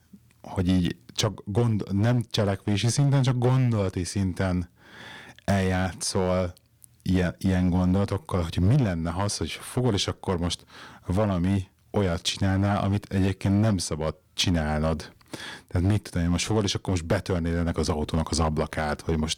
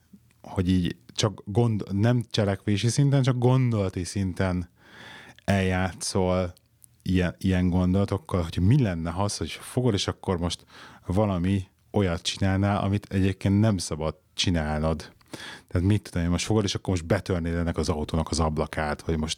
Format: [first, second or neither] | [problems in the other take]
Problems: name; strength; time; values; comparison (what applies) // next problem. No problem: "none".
second | distortion; slight; 4% of the sound clipped